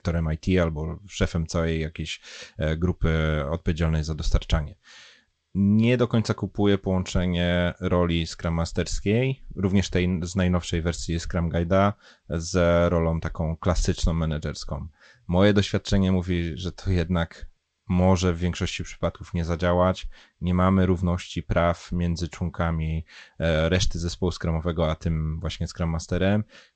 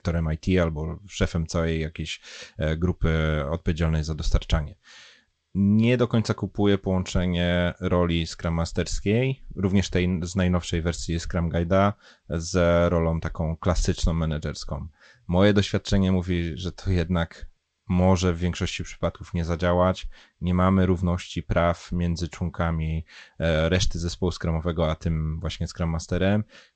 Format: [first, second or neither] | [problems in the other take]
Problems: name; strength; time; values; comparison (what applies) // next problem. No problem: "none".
neither | garbled, watery; slightly; nothing above 8 kHz; the same in both